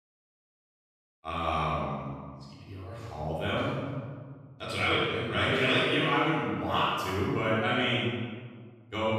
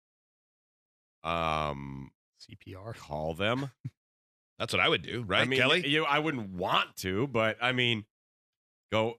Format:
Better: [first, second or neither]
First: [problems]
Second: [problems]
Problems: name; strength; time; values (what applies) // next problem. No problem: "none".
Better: second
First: off-mic speech; far // room echo; strong; dies away in 1.5 s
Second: none